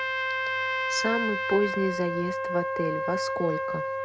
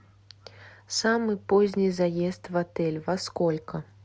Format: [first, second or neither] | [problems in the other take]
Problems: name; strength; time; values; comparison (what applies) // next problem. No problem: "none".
second | background sound (Trumpet); 1 dB above the speech